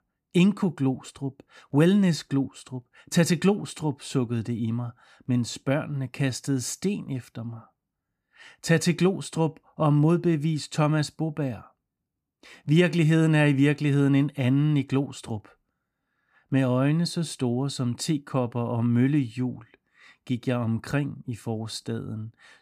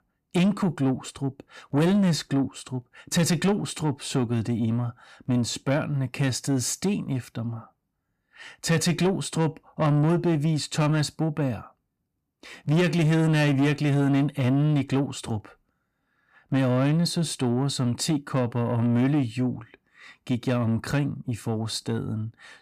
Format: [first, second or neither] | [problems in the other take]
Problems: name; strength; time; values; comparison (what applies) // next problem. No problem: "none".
first | distortion; slight; 10 dB below the speech